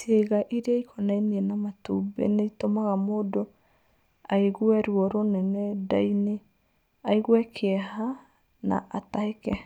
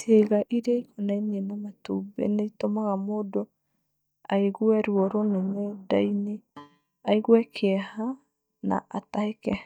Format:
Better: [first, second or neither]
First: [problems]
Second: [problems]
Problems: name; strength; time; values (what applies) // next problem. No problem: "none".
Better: first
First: none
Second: noise reduction (neural mask model DeepFilterNet 3)